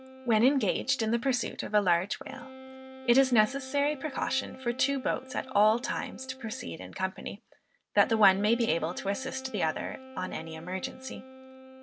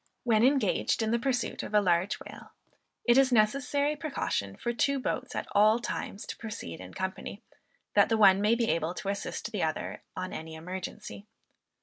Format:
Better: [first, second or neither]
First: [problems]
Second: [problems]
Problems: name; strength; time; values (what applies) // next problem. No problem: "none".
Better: second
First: background sound (Wind instrument, woodwind instrument); 17 dB below the speech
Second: none